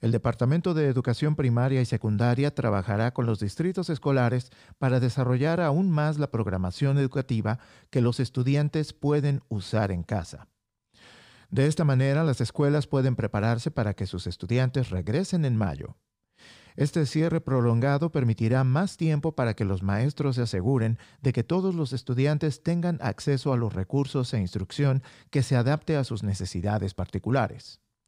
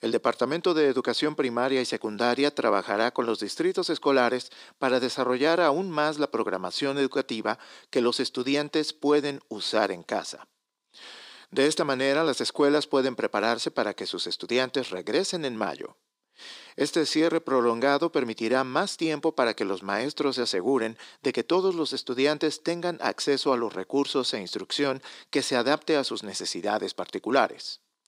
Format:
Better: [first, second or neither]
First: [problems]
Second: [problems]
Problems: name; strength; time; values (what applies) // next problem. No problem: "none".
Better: first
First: none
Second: thin; somewhat; fading below 300 Hz